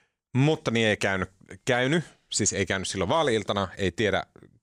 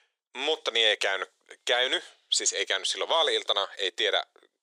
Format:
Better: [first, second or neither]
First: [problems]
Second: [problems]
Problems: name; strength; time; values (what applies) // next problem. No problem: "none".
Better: first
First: none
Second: thin; very; fading below 400 Hz